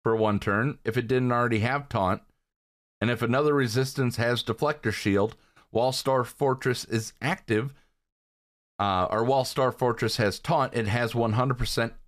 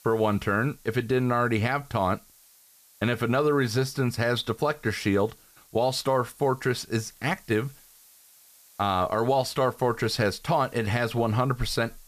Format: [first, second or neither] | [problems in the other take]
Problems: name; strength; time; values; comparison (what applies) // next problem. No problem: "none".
first | hiss; faint; throughout; 25 dB below the speech